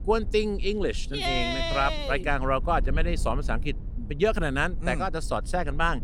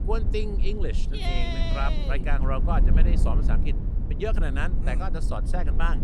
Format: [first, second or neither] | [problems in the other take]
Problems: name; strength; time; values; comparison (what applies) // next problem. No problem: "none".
first | low rumble; loud; throughout; 9 dB below the speech; faint in the first